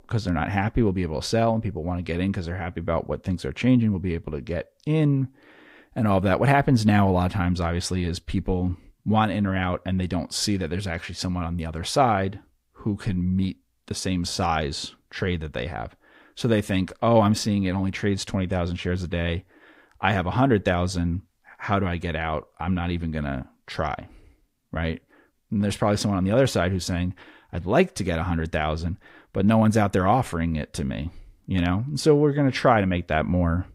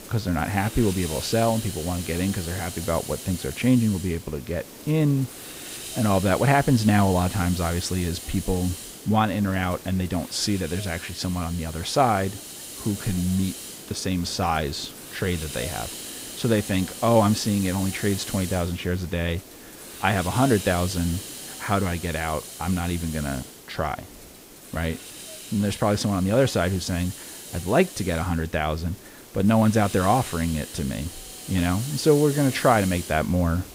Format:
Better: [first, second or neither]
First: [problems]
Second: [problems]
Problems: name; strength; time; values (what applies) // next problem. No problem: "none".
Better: first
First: none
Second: hiss; noticeable; throughout; 10 dB below the speech